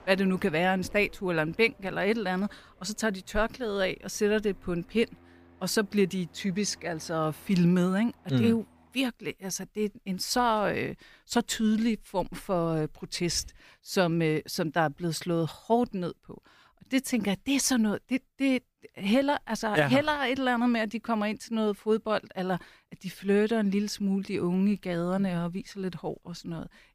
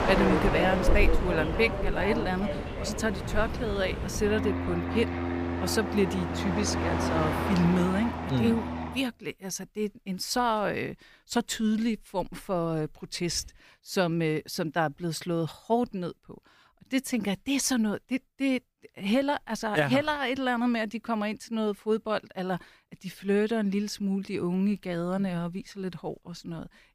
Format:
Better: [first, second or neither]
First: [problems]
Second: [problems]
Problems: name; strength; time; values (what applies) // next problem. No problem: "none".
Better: first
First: train or aircraft noise; faint; until 9 s; 25 dB below the speech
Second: train or aircraft noise; loud; until 9 s; 1 dB below the speech